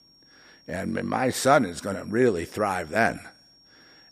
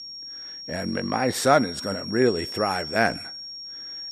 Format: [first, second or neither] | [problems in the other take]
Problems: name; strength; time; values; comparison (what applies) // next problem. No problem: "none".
first | high-pitched whine; loud; throughout; 5.5 kHz, 10 dB below the speech; faint in the first